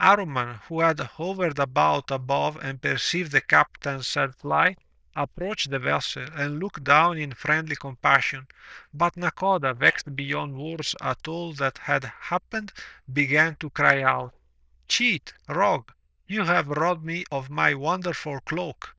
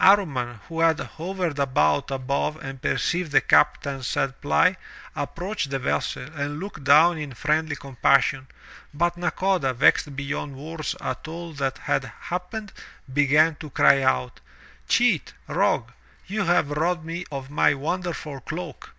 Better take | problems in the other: second | noise reduction (neural diffusion model UNIVERSE++)

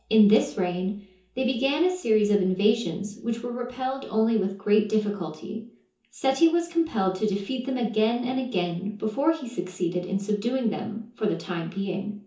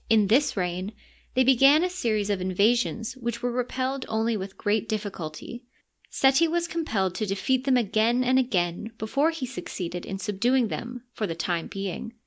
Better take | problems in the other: second | room echo; dies away in 0.6 s

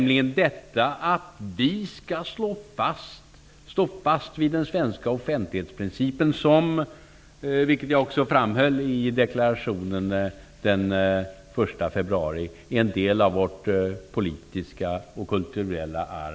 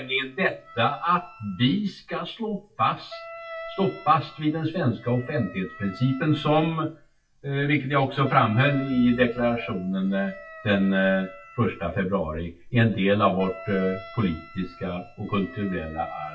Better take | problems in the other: first | noise reduction (classical method WPE with log-MMSE)

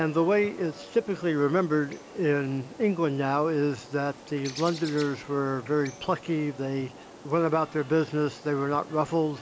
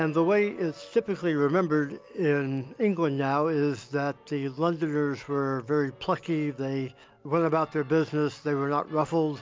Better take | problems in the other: second | background sound (Bird); 19 dB below the speech

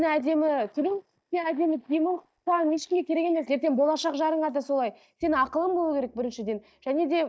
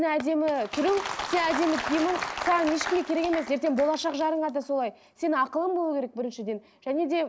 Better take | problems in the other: second | noise reduction (neural mask model DeepFilterNet 3)

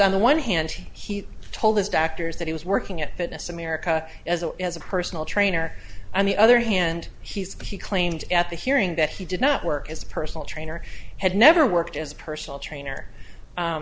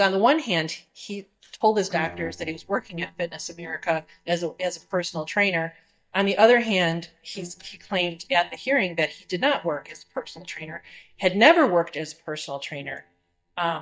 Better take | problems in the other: first | noise reduction (neural mask model DeepFilterNet 3)

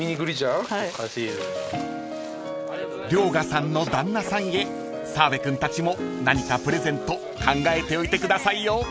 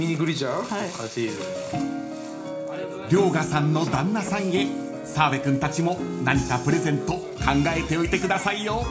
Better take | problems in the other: first | room echo; dies away in 0.4 s

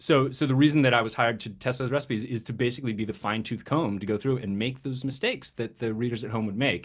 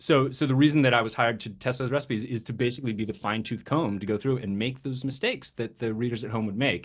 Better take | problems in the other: first | noise reduction (neural separator model SepFormer DNS4)

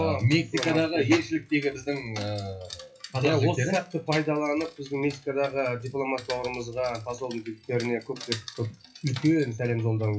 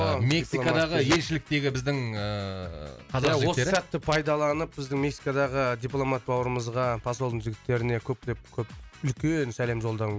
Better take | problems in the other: second | noise reduction (classical method WPE with log-MMSE)

